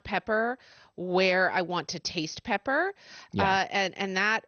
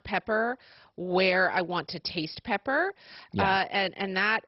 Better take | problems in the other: first | garbled, watery; badly; nothing above 5.5 kHz; slightly in the first

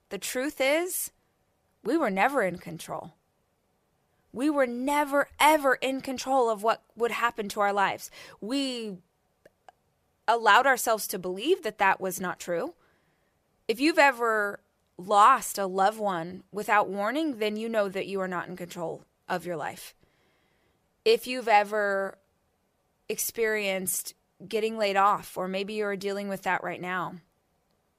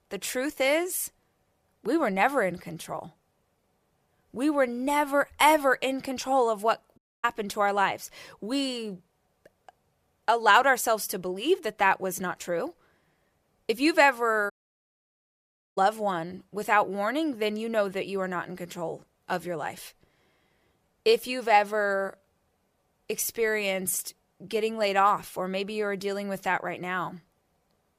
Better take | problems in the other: first | audio cutting out; at 7 s and at 15 s for 1.5 s

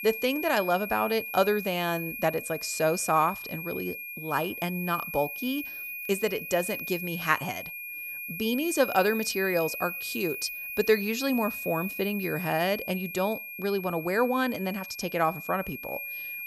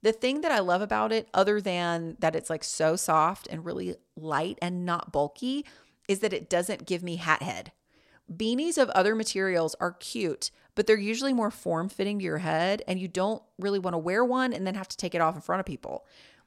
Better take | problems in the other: second | high-pitched whine; loud; throughout; 2.5 kHz, 7 dB below the speech

